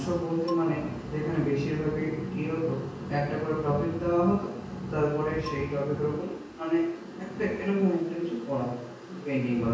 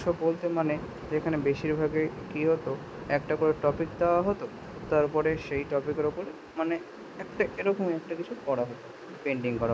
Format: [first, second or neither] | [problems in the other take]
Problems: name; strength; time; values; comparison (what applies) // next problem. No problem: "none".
second | background sound (Marimba, xylophone); 18 dB below the speech // room echo; dies away in 0.6 s